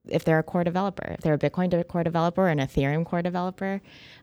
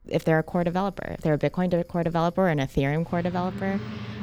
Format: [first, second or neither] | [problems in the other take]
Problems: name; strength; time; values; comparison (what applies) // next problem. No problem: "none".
first | traffic noise; noticeable; throughout; 10 dB below the speech